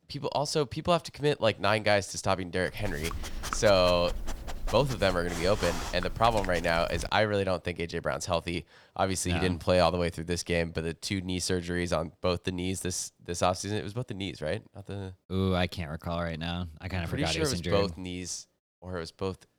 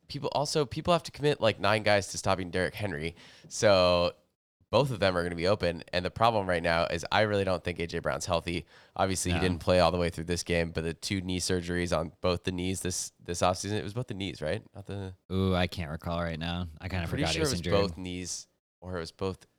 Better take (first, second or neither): second